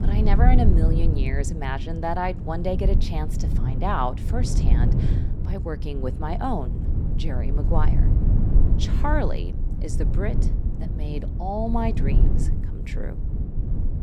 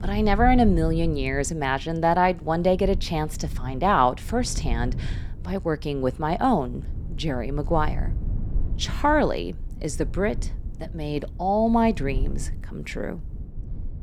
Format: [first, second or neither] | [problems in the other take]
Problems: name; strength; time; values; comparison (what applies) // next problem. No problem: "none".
second | low rumble; loud; throughout; 8 dB below the speech; faint in the second